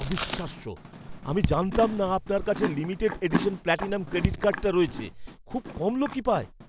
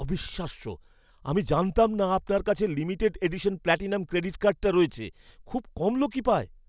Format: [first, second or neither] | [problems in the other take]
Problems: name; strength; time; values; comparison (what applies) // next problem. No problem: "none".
second | background sound (Chewing, mastication + Raindrop / Drip); 6 dB below the speech